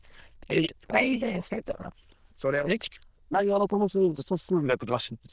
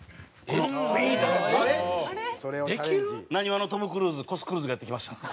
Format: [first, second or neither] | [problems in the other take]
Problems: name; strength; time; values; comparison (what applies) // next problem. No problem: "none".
second | noise reduction (neural diffusion model UNIVERSE++)